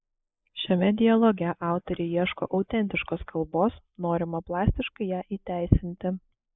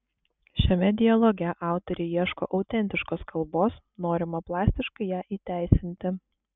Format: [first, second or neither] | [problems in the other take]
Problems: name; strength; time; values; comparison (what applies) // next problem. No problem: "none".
second | noise reduction (neural mask model Resemble Enhance denoiser)